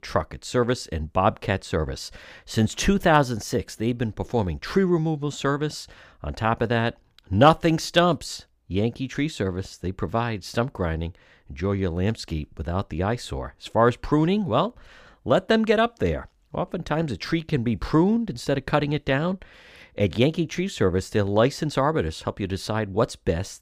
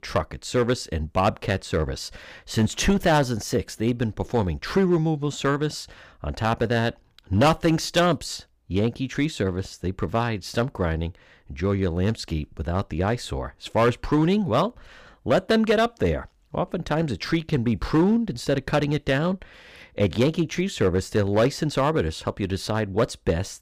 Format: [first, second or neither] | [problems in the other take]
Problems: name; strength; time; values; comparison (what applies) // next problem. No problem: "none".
first | distortion; slight; 3% of the sound clipped